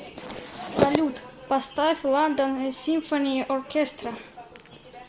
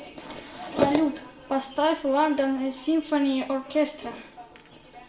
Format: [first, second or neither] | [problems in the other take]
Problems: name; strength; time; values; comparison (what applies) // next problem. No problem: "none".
first | room echo; dies away in 0.4 s